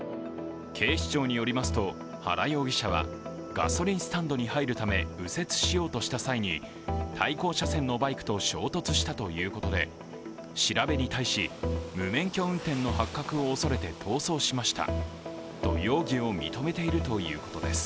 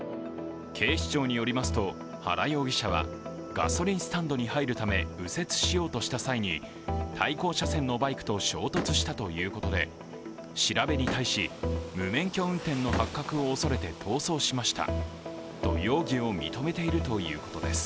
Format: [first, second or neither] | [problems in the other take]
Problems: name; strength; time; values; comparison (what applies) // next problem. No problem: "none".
first | background sound (Slam); 10 dB below the speech